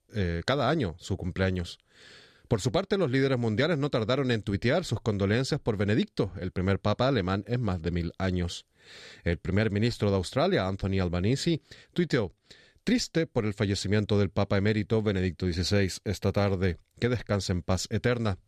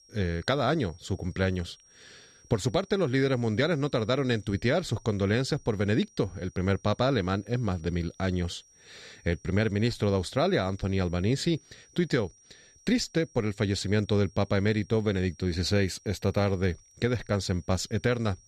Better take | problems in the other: first | high-pitched whine; faint; throughout; 5.5 kHz, 30 dB below the speech

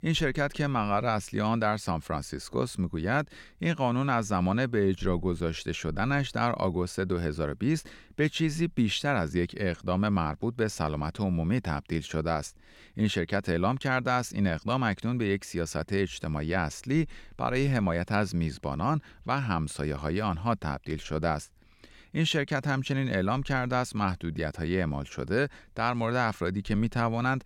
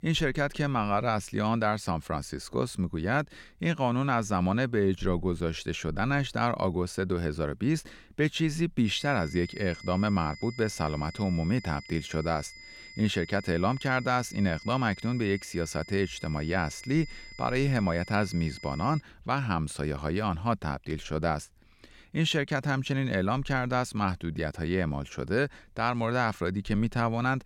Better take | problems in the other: first | high-pitched whine; noticeable; from 9 to 19 s; 2 kHz, 15 dB below the speech

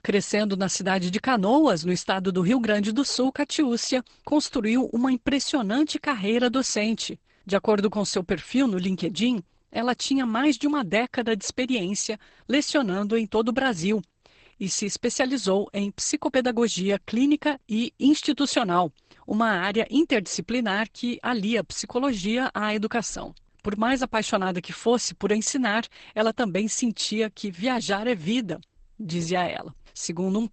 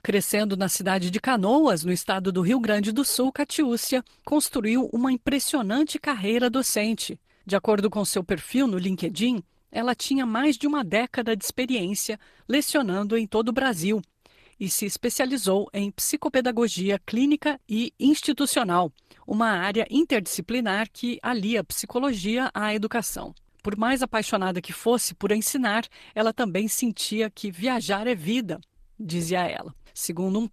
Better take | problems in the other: second | garbled, watery; badly; nothing above 8 kHz; slightly in the second

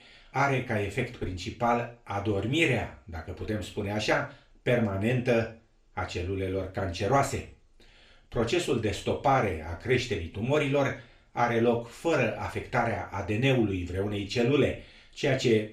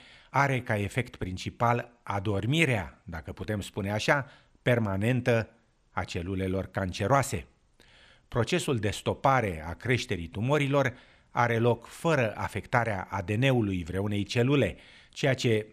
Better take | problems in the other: second | room echo; slight; dies away in 0.3 s // off-mic speech; far

